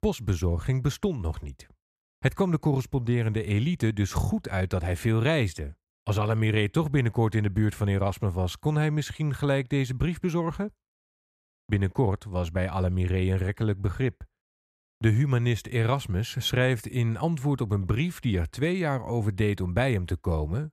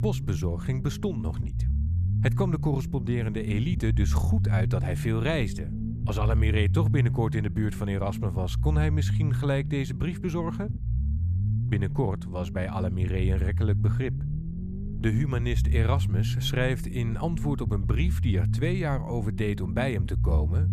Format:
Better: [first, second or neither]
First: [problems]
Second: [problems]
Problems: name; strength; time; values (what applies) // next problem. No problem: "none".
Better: first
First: none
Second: low rumble; loud; throughout; 9 dB below the speech